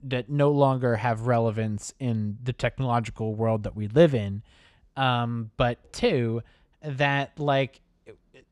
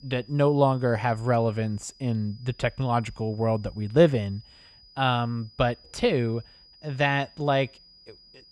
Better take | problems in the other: first | high-pitched whine; faint; throughout; 5 kHz, 25 dB below the speech

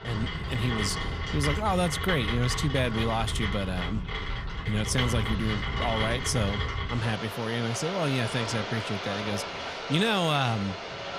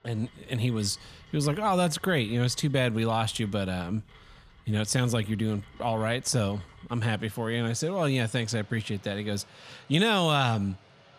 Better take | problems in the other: second | rain or running water; loud; throughout; 3 dB below the speech; faint in the second

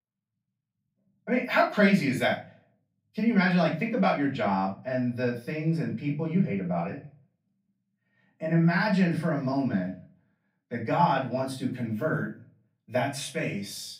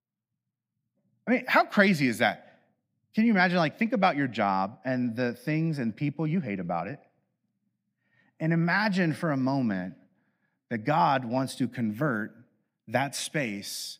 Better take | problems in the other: second | off-mic speech; far // room echo; slight; dies away in 0.3 s

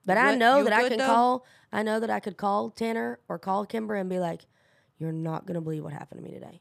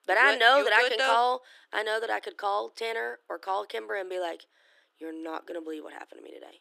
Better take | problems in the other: first | thin; very; fading below 300 Hz

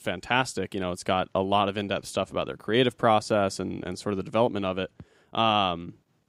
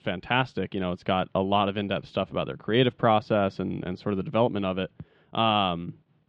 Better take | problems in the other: first | muffled; slightly; fading above 3.5 kHz

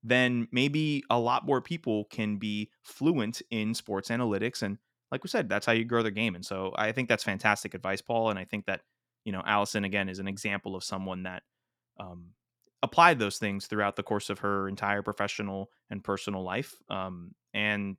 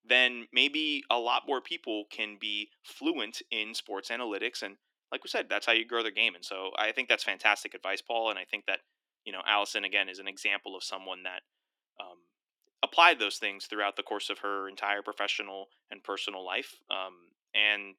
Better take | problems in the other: first | thin; somewhat; fading below 300 Hz

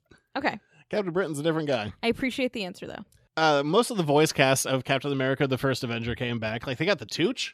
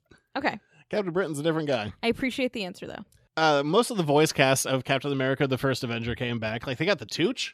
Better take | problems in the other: neither | none

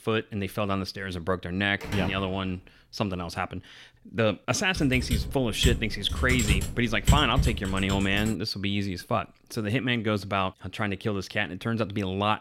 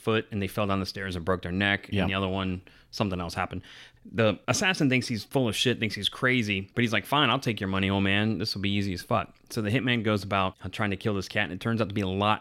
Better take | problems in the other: second | door banging; noticeable; at 2 s; peak 8 dB below the speech // keyboard typing; loud; from 5 to 8.5 s; peak 3 dB above the speech

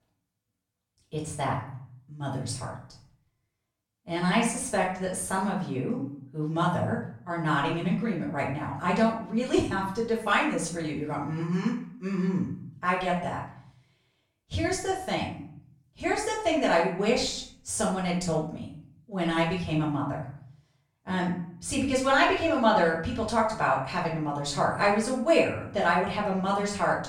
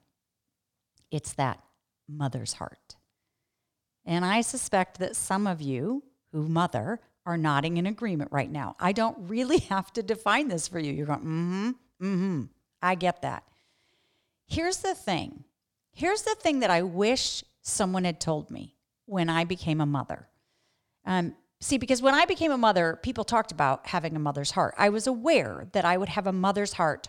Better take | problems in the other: second | room echo; noticeable; dies away in 0.5 s // off-mic speech; far

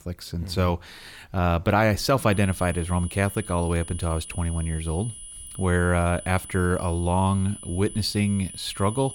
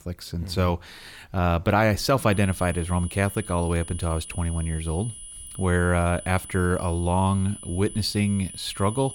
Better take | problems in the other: neither | high-pitched whine; noticeable; from 2.5 s on; 10 kHz, 15 dB below the speech; the same in both

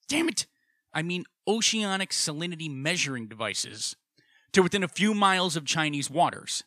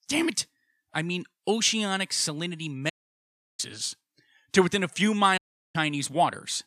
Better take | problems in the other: first | audio cutting out; at 3 s for 0.5 s and at 5.5 s

